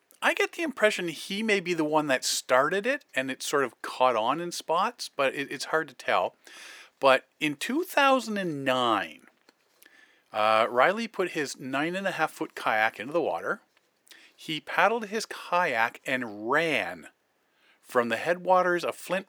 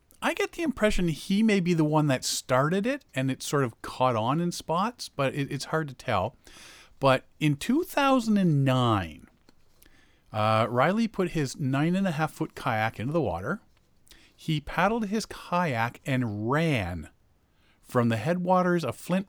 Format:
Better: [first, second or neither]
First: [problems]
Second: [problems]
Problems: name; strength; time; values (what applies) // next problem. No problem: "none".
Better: second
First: thin; somewhat; fading below 400 Hz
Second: none